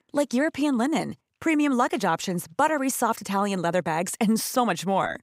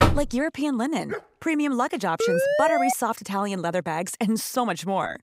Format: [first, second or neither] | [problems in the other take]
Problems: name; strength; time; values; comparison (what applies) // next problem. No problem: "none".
first | door banging; loud; at the start; peak 4 dB above the speech // dog barking; noticeable; at 1 s; peak 10 dB below the speech // siren; loud; at 2 s; peak 4 dB above the speech